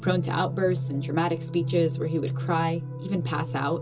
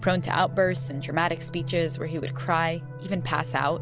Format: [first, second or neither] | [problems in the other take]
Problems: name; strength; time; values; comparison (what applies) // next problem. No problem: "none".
second | room echo; dies away in 0.2 s